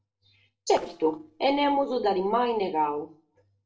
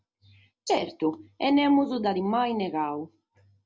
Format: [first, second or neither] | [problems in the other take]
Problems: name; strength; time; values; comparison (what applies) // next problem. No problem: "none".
second | noise reduction (neural separator model SepFormer DNS4)